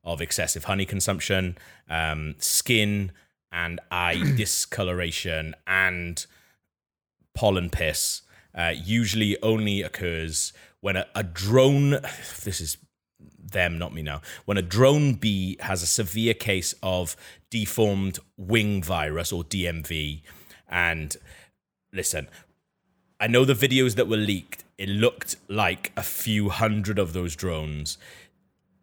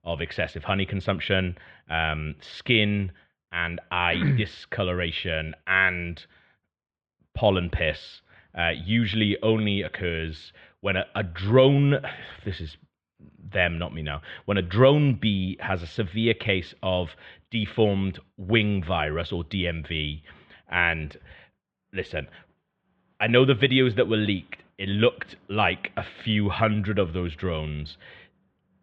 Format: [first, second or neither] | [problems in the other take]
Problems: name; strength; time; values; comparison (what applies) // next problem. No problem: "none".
first | muffled; very; fading above 3.5 kHz